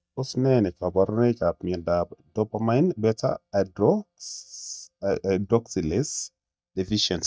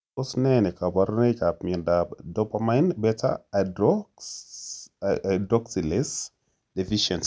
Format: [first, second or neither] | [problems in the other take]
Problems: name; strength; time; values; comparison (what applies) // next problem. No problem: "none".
second | noise reduction (neural mask model DeepFilterNet 3)